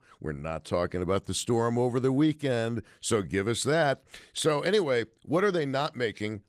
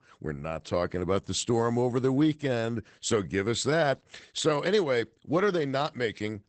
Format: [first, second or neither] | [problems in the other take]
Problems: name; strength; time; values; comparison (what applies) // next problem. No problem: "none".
first | garbled, watery; badly; nothing above 8 kHz; slightly in the first